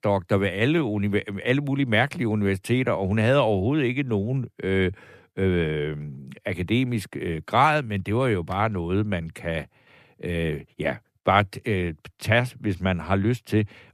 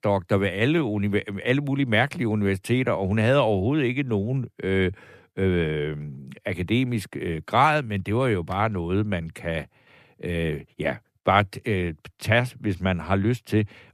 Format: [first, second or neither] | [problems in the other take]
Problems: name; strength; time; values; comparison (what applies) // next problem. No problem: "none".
neither | none